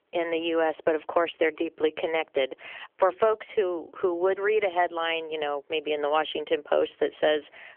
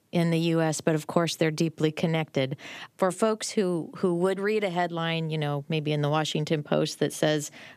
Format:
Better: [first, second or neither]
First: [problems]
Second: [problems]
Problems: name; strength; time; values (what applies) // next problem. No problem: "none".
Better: second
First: phone-call audio; nothing above 3.5 kHz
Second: none